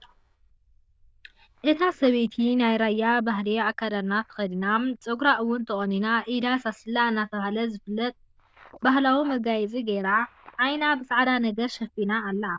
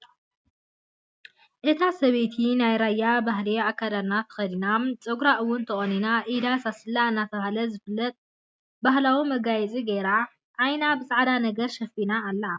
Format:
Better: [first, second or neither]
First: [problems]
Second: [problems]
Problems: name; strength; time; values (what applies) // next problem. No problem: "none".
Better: second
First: noise reduction (neural diffusion model UNIVERSE++)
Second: none